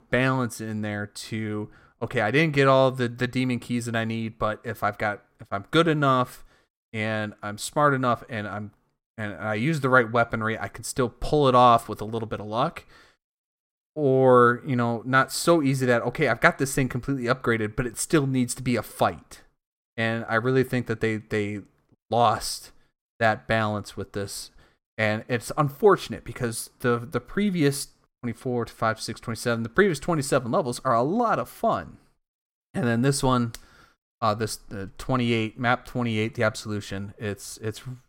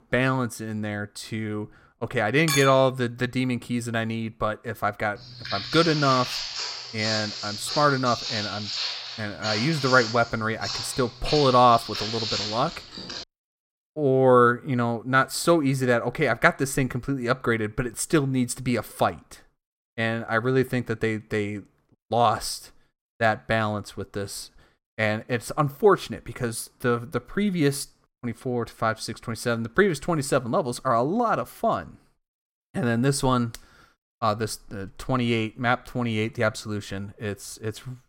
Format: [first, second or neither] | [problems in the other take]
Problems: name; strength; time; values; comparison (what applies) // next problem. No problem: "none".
first | clattering dishes; noticeable; at 2.5 s; peak 1 dB below the speech // footsteps; noticeable; from 5 to 13 s; peak 2 dB below the speech